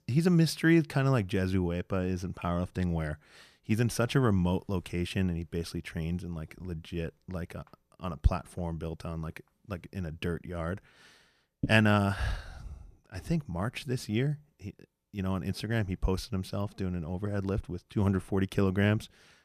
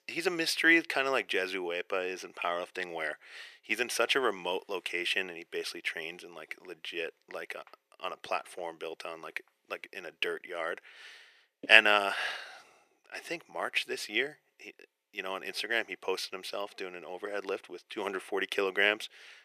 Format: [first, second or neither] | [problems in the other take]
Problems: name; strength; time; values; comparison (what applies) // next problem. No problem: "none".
first | thin; very; fading below 400 Hz